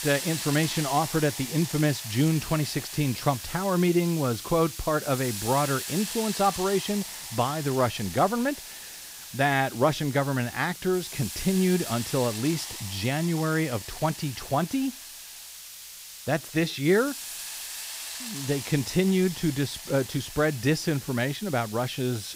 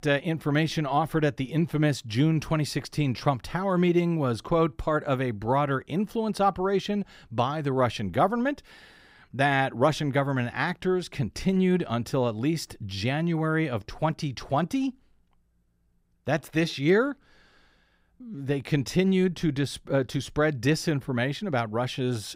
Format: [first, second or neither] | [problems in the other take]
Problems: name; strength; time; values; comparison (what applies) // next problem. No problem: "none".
second | hiss; loud; throughout; 9 dB below the speech